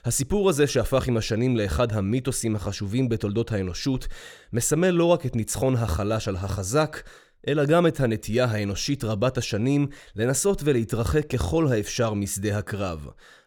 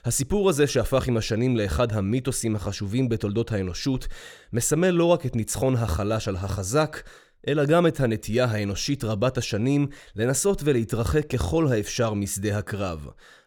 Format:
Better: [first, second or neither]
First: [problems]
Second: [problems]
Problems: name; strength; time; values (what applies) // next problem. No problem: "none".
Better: neither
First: none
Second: none